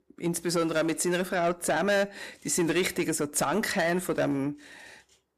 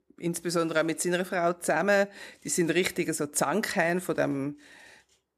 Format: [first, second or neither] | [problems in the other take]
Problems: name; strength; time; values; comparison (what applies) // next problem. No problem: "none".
second | distortion; slight; 10 dB below the speech